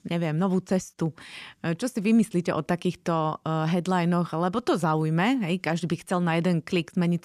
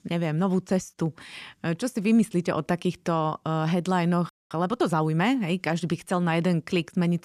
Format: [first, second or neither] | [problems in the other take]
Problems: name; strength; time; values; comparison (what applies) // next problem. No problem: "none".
first | audio freezing; at 4.5 s